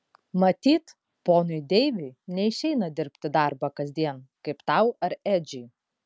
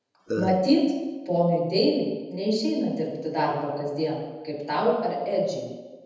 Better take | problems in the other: first | background sound (Burping, eructation); 5 dB below the speech // room echo; dies away in 1.1 s

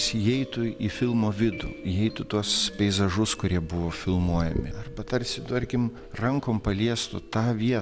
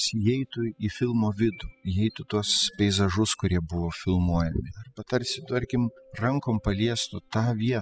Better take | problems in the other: first | noise reduction (classical method spectral subtraction)

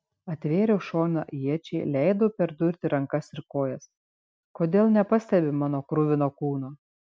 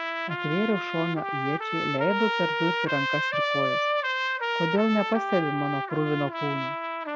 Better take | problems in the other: first | background sound (Trumpet); as loud as the speech

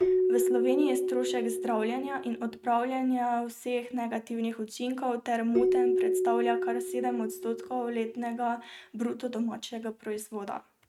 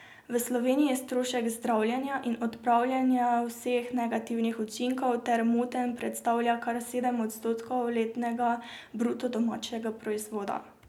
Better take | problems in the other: second | noise reduction (neural mask model RNNoise)

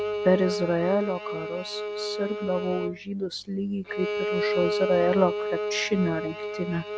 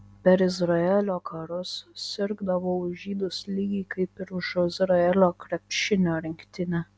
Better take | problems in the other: second | background sound (Bowed string instrument); 3 dB below the speech

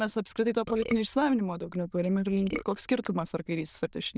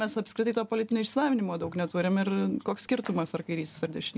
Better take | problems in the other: second | noise reduction (neural diffusion model UNIVERSE++)

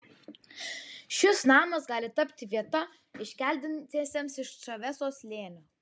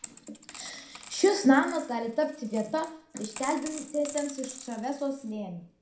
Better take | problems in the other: first | background sound (Coin (dropping)); 15 dB below the speech // room echo; dies away in 0.4 s

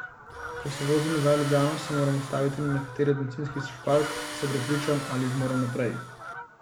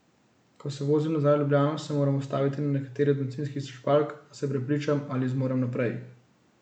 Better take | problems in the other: second | background sound (Tools + Fowl); 9 dB below the speech

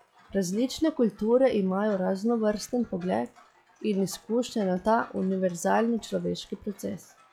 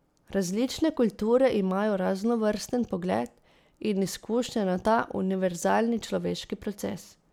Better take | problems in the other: second | noise reduction (classical method log-MMSE)

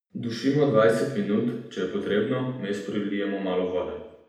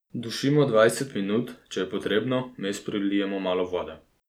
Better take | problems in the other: second | room echo; dies away in 0.8 s

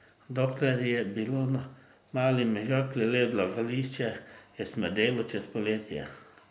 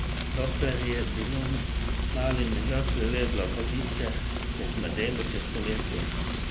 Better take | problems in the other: first | background sound (Frying (food)); 4 dB above the speech

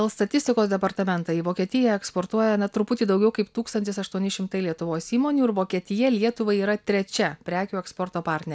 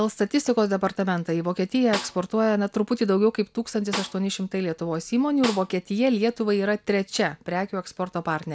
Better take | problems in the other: first | background sound (Snare drum); 13 dB below the speech

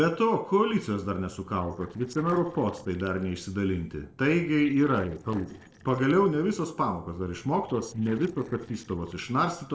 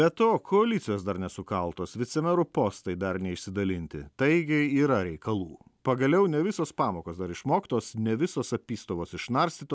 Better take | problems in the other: second | noise reduction (neural separator model SepFormer DNS4)

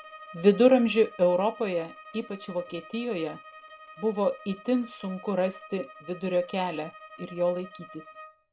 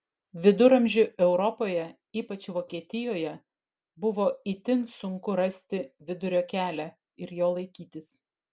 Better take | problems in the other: second | background sound (Bowed string instrument); 19 dB below the speech

